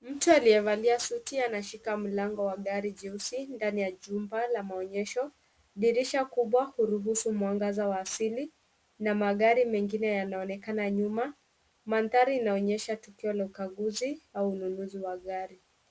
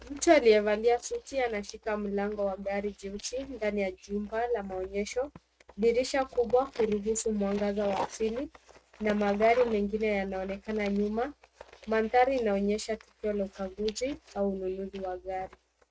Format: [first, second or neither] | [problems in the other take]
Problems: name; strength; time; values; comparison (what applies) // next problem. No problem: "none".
first | noise reduction (neural mask model RNNoise)